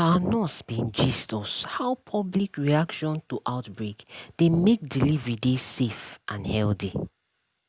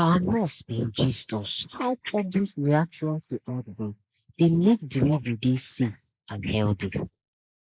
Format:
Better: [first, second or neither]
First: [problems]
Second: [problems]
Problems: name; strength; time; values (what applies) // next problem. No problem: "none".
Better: first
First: none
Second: noise reduction (neural mask model Resemble Enhance denoiser)